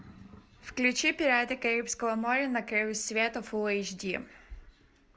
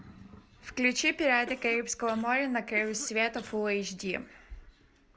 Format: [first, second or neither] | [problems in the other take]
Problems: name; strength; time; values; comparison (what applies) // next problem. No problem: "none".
first | background sound (Cough); 18 dB below the speech